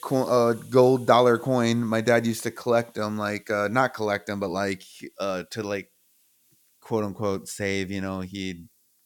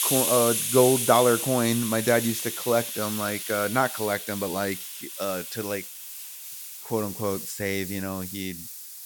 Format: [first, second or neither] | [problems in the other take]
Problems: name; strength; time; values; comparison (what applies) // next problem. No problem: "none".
first | hiss; loud; throughout; 4 dB below the speech; faint in the first